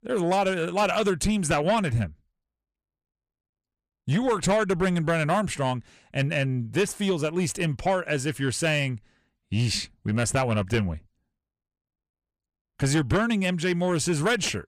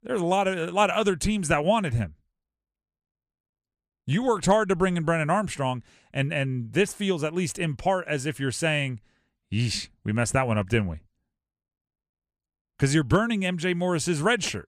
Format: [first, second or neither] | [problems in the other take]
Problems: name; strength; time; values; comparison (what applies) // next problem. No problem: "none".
second | distortion; slight; 10 dB below the speech